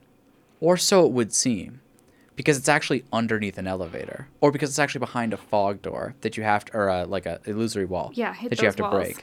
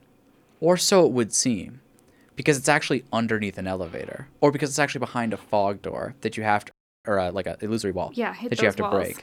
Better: first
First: none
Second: audio freezing; at 6.5 s

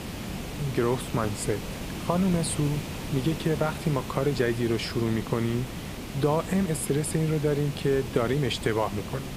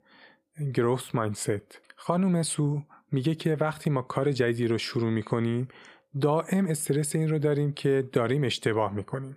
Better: second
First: hiss; loud; throughout; 8 dB below the speech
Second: none

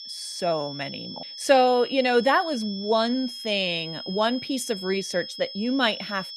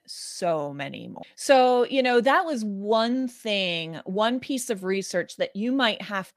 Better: second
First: high-pitched whine; noticeable; throughout; 5 kHz, 10 dB below the speech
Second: none

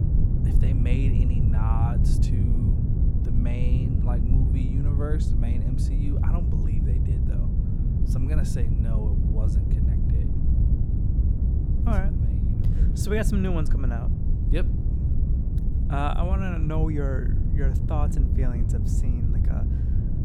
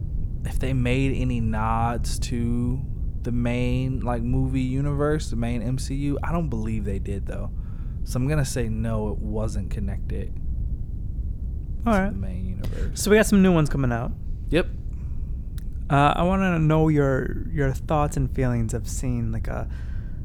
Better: second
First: low rumble; loud; throughout; 2 dB below the speech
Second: low rumble; faint; throughout; 20 dB below the speech

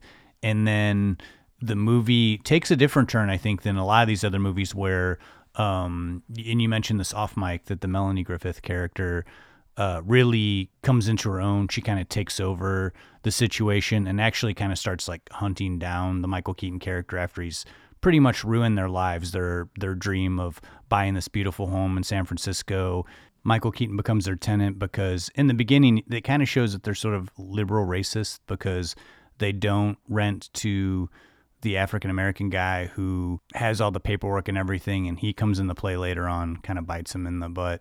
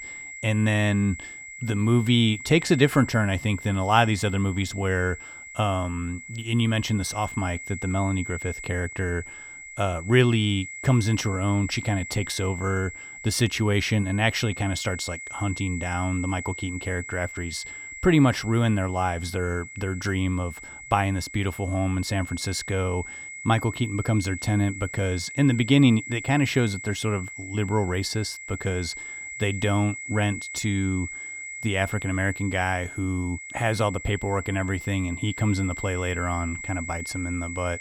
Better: first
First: none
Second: high-pitched whine; noticeable; throughout; 2 kHz, 10 dB below the speech

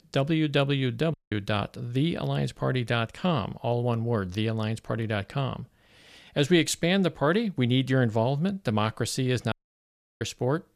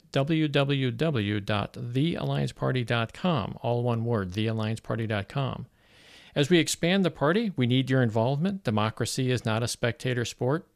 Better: second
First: audio cutting out; at 1 s and at 9.5 s for 0.5 s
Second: none

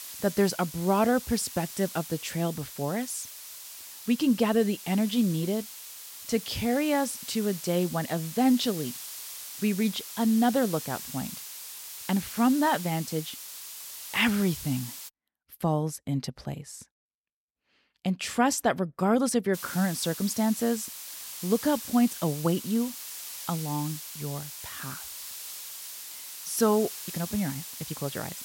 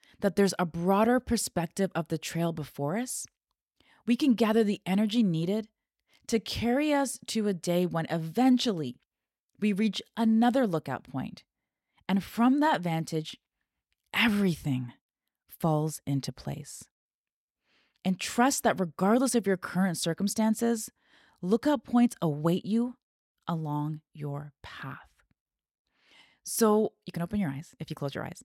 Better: second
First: hiss; noticeable; until 15 s and from 20 s on; 10 dB below the speech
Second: none

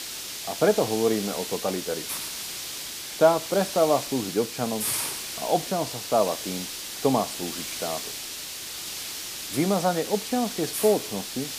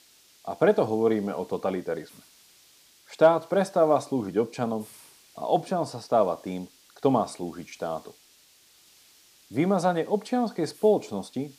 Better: second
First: hiss; loud; throughout; 6 dB below the speech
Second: hiss; faint; throughout; 30 dB below the speech

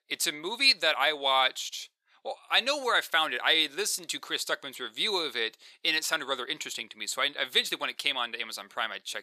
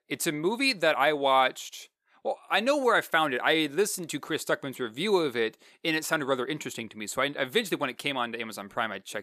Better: second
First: thin; somewhat; fading below 900 Hz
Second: none

